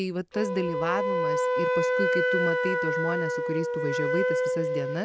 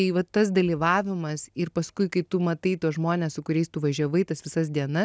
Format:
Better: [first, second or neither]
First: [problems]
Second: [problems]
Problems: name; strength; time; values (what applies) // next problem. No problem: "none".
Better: second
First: background sound (Wind instrument, woodwind instrument); 5 dB above the speech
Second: none